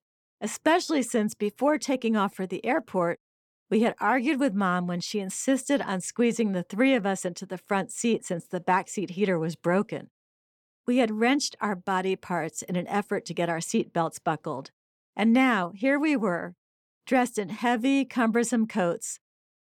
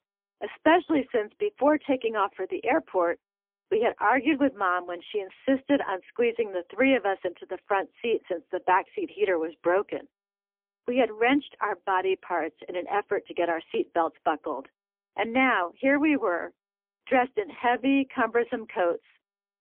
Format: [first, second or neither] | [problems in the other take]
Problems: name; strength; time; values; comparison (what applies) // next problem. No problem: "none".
first | phone-call audio; poor line; nothing above 3 kHz